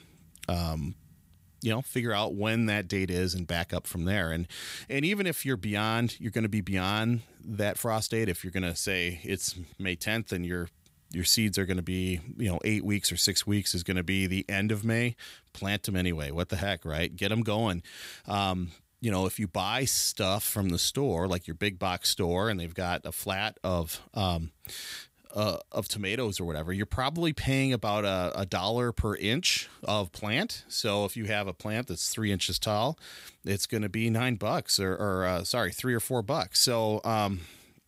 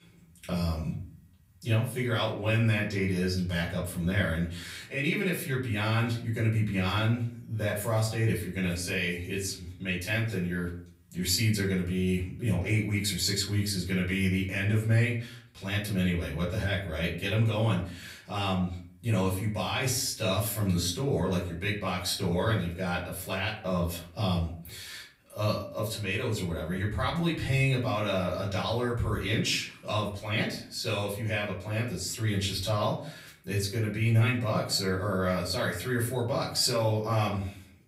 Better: first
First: none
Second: off-mic speech; far // room echo; slight; dies away in 0.5 s

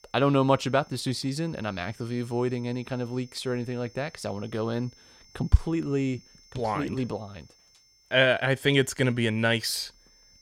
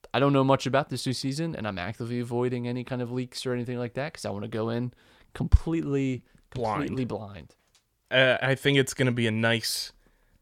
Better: second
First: high-pitched whine; faint; throughout; 5.5 kHz, 25 dB below the speech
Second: none

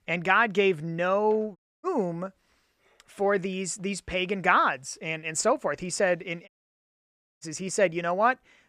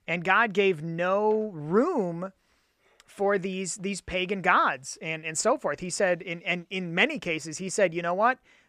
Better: second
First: audio cutting out; at 1.5 s and at 6.5 s for 1 s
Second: none

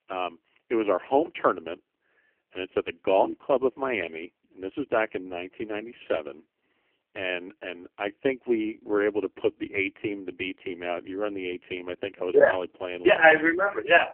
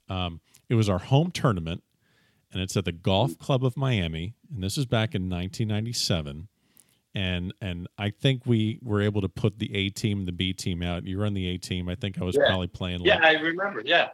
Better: second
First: phone-call audio; poor line; nothing above 3 kHz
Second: none

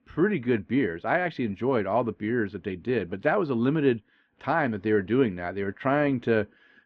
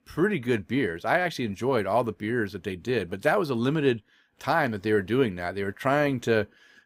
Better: second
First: muffled; slightly; fading above 3 kHz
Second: none

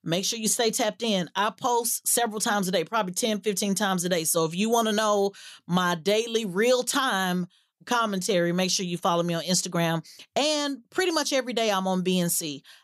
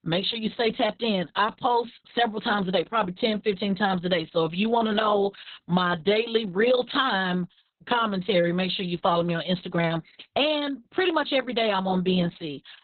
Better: first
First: none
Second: garbled, watery; badly; nothing above 4 kHz

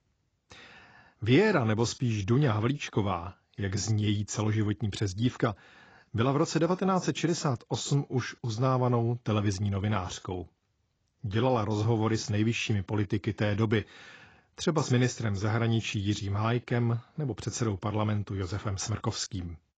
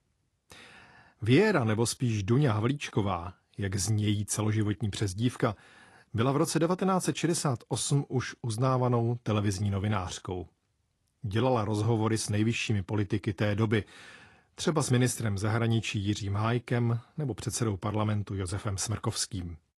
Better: second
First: garbled, watery; badly; nothing above 7.5 kHz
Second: garbled, watery; slightly; nothing above 11 kHz

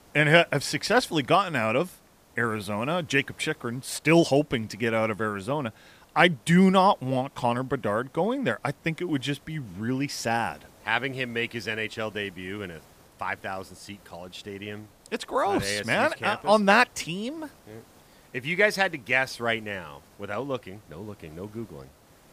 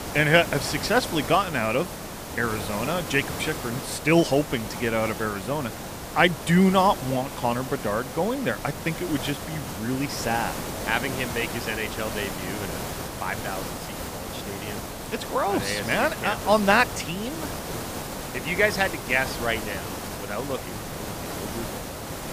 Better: first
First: hiss; faint; throughout; 30 dB below the speech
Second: hiss; loud; throughout; 8 dB below the speech

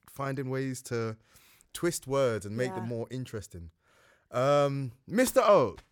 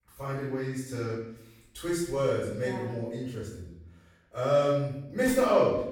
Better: first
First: none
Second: off-mic speech; far // room echo; noticeable; dies away in 0.7 s

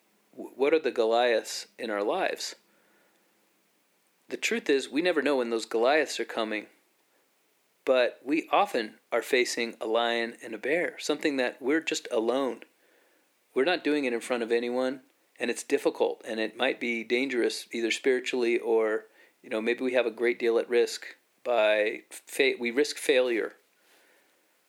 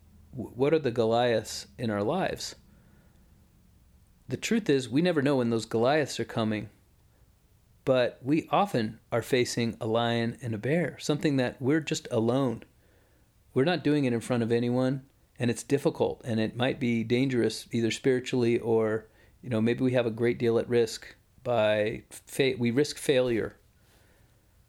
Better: second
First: thin; somewhat; fading below 300 Hz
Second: none

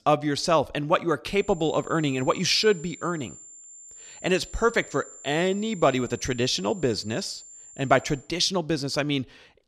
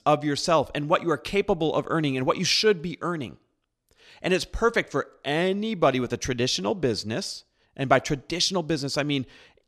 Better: second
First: high-pitched whine; noticeable; from 1.5 to 8 s; 7 kHz, 20 dB below the speech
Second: none

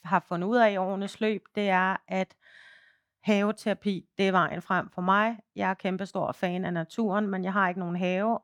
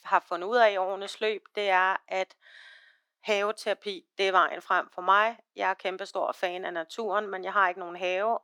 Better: first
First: none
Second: thin; very; fading below 350 Hz

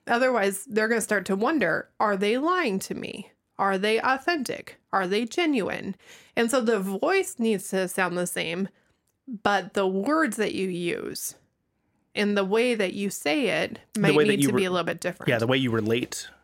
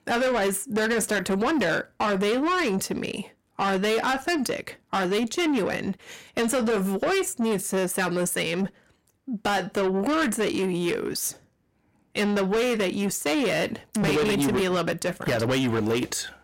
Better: first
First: none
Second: distortion; heavy; 8 dB below the speech

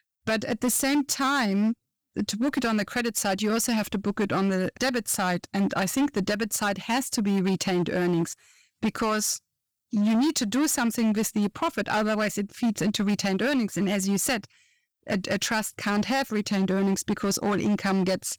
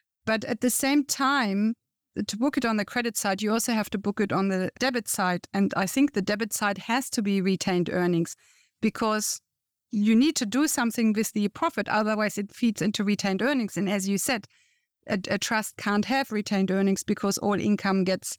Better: second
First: distortion; slight; 13% of the sound clipped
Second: none

